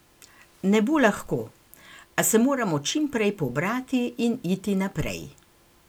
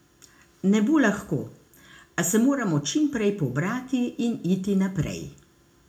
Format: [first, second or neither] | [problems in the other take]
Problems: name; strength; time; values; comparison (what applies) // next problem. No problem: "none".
first | room echo; dies away in 0.4 s